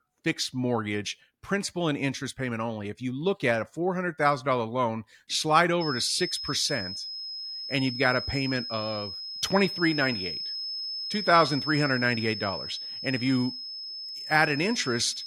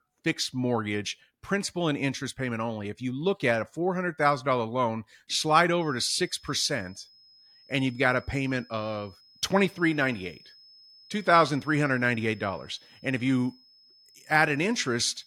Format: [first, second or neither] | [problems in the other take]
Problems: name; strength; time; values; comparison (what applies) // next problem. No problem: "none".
second | high-pitched whine; loud; from 6 s on; 5 kHz, 6 dB below the speech; faint in the second